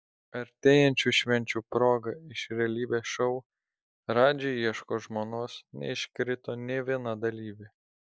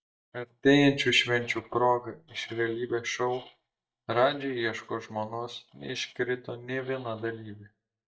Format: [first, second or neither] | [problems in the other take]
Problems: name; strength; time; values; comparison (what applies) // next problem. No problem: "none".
first | noise reduction (neural mask model DeepFilterNet 3)